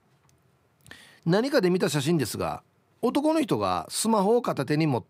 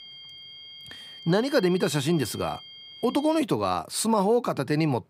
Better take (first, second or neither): first